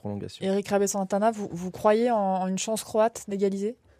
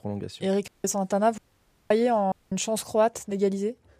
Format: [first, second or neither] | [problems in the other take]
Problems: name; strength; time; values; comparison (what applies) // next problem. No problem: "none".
first | audio cutting out; at 0.5 s, at 1.5 s for 0.5 s and at 2.5 s